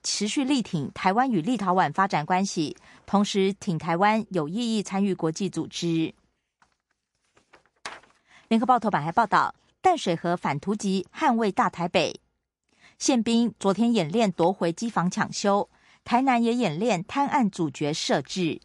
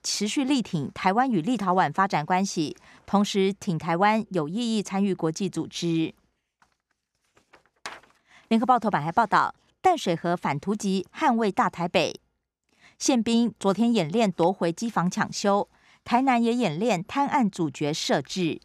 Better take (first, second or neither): second